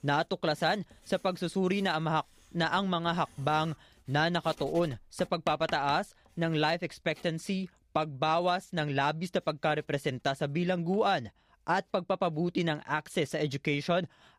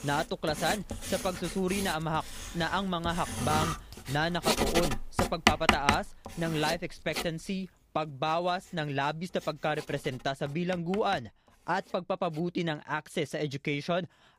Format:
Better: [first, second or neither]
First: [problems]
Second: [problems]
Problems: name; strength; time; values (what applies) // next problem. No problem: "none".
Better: first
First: household noises; faint; throughout; 20 dB below the speech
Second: household noises; loud; throughout; 1 dB below the speech